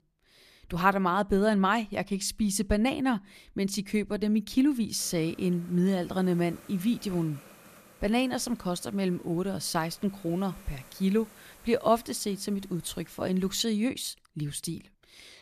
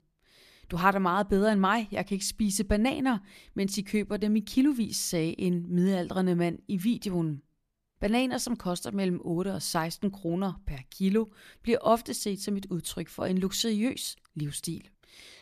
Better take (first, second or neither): second